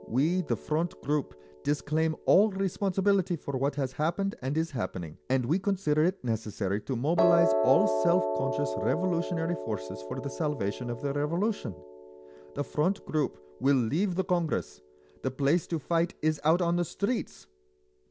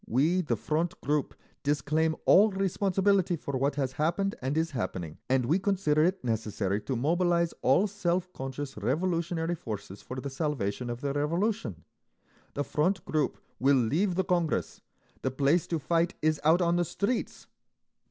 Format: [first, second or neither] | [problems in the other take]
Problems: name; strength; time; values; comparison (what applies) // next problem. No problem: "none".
second | background sound (Piano); 7 dB below the speech